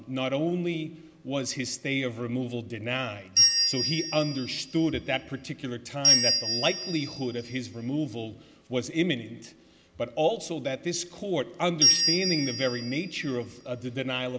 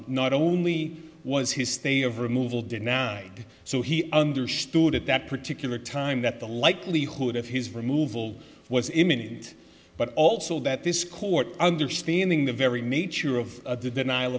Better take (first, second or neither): second